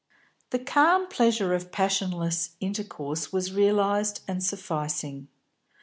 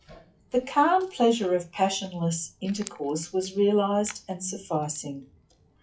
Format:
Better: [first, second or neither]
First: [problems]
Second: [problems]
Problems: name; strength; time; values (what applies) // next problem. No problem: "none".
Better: first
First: none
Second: noise reduction (classical method WPE with log-MMSE)